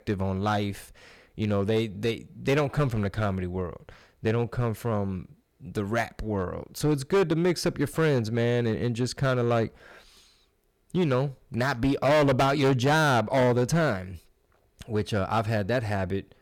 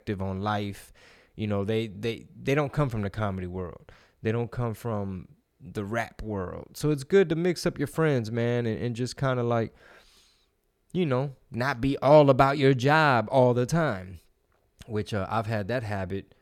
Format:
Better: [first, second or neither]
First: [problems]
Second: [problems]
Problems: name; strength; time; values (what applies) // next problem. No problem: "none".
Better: second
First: distortion; heavy; 7% of the sound clipped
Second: none